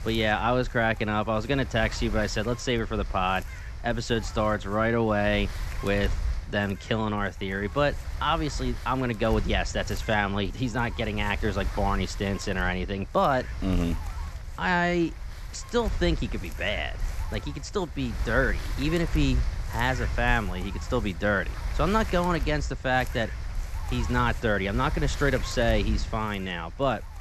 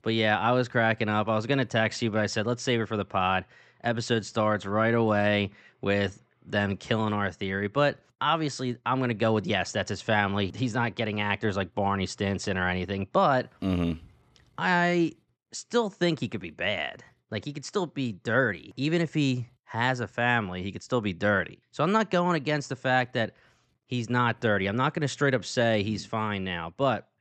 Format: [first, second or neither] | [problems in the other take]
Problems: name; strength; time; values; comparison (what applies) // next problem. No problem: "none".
second | wind noise on the microphone; occasional gusts; 15 dB below the speech